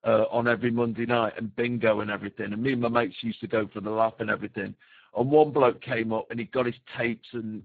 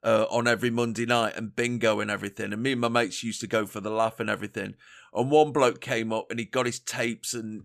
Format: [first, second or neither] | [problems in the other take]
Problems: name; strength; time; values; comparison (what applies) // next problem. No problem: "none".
second | garbled, watery; badly